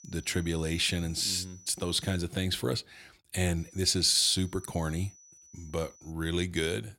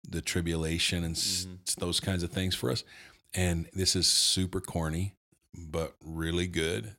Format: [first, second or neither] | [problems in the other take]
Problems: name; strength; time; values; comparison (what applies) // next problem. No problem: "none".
second | high-pitched whine; faint; until 2 s and from 3.5 to 6 s; 6 kHz, 25 dB below the speech